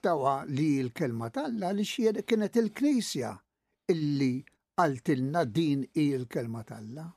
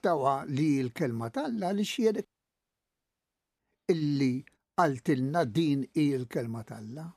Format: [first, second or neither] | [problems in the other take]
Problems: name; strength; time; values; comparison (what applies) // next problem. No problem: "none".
first | audio cutting out; at 2.5 s for 1.5 s